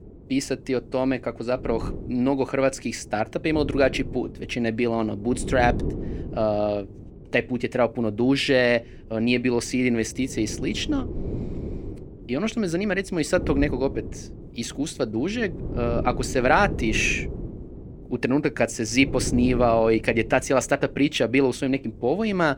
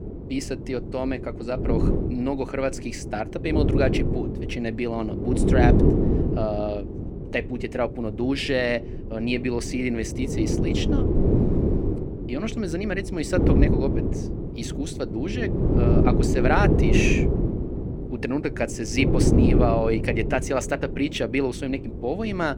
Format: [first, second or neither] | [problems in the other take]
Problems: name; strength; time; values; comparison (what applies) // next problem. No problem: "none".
first | wind noise on the microphone; heavy; 2 dB below the speech; occasional gusts in the first